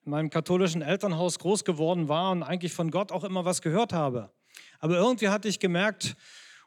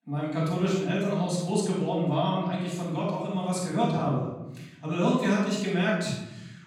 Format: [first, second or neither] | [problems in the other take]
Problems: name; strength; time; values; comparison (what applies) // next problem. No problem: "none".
first | off-mic speech; far // room echo; noticeable; dies away in 1.1 s